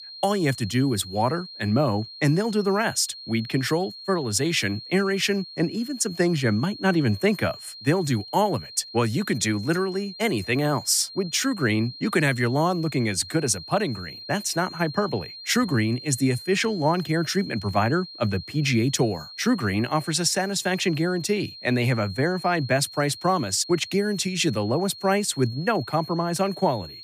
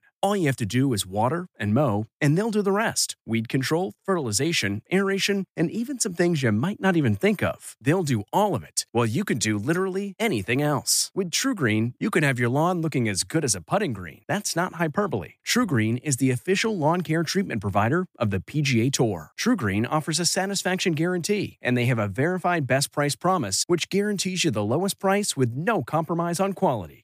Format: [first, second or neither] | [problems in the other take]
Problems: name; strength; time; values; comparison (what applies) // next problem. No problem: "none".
second | high-pitched whine; noticeable; throughout; 4 kHz, 15 dB below the speech